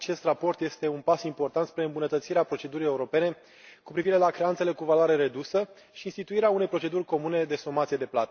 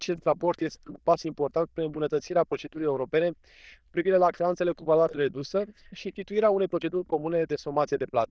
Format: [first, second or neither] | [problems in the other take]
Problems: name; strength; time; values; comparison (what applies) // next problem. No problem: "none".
first | noise reduction (neural diffusion model UNIVERSE++)